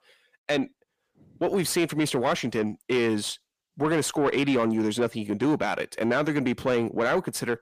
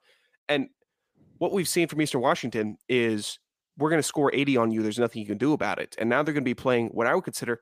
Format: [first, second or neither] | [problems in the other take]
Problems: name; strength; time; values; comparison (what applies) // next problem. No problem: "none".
second | distortion; slight; 10 dB below the speech